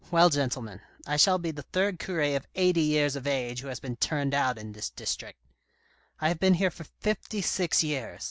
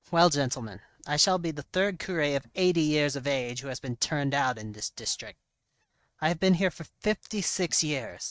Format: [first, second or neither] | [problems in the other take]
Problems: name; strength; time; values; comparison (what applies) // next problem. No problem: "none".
first | noise reduction (neural mask model RNNoise)